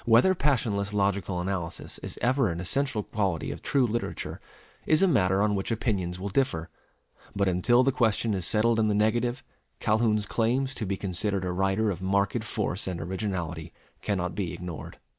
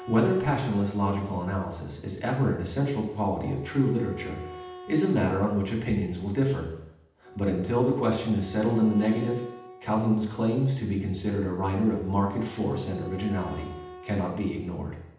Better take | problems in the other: first | background sound (Wind instrument, woodwind instrument); 19 dB below the speech // room echo; dies away in 0.8 s

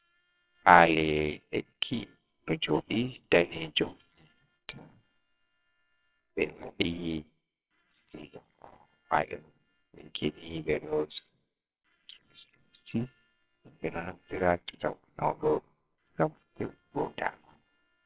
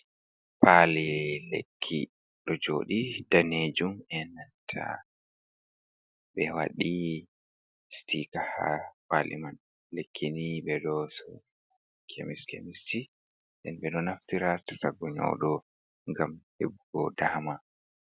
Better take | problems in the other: second | noise reduction (neural separator model SepFormer WHAMR!)

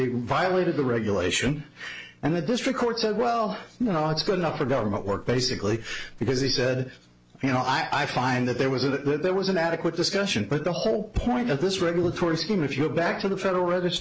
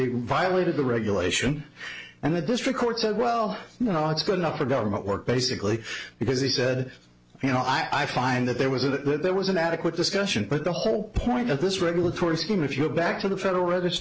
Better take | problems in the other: second | background sound (Livestock, farm animals, working animals); 15 dB below the speech

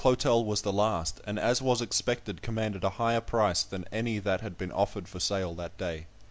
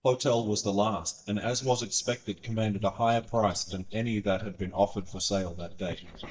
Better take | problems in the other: first | noise reduction (neural mask model DeepFilterNet 3)

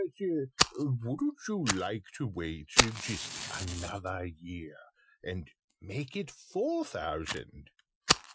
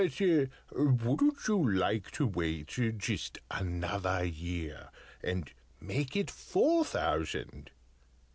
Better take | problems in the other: second | noise reduction (classical method Wiener filter)

